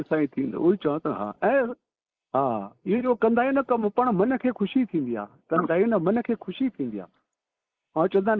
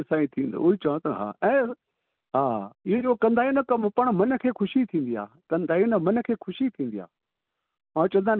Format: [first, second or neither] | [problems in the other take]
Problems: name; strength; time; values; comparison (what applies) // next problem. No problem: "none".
second | noise reduction (neural mask model Resemble Enhance denoiser)